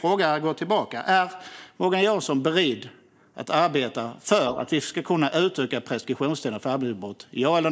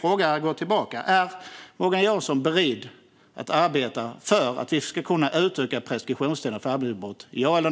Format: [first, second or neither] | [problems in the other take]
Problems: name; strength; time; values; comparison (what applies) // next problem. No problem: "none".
second | noise reduction (neural mask model Resemble Enhance denoiser)